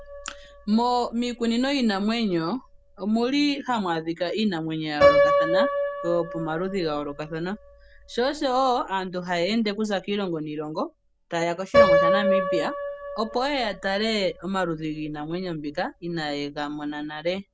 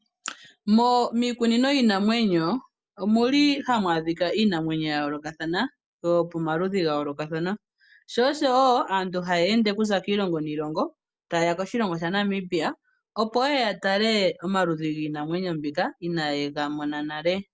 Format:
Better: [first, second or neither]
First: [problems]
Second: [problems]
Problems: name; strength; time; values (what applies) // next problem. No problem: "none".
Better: second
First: background sound (Piano); 1 dB below the speech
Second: none